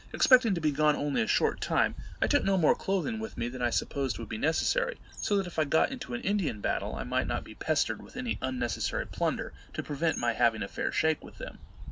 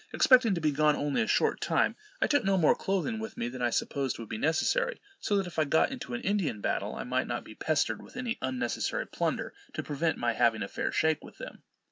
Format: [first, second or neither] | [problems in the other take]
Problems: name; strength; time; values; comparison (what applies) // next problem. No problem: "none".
second | background sound (Bird); 12 dB below the speech